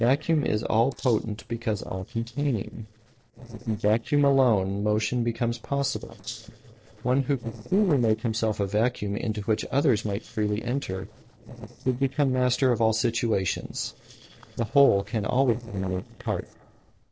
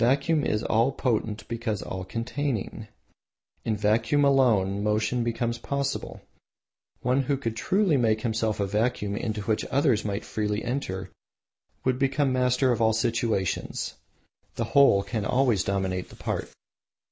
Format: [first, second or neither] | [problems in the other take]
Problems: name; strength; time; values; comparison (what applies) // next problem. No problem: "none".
second | noise reduction (neural separator model SepFormer DNS4)